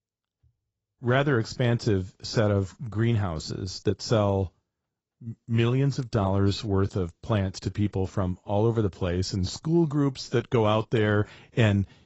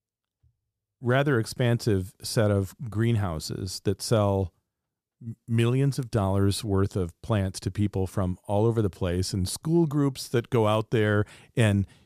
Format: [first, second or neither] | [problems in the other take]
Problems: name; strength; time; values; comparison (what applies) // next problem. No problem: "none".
second | garbled, watery; badly; nothing above 7.5 kHz